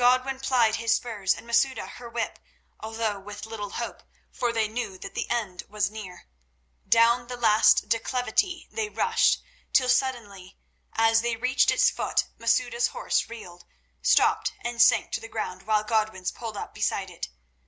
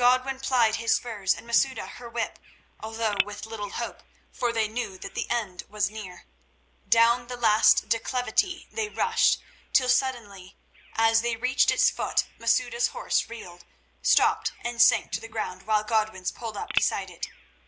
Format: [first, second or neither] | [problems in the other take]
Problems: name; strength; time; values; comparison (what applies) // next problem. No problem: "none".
first | background sound (Bird vocalization, bird call, bird song); 16 dB below the speech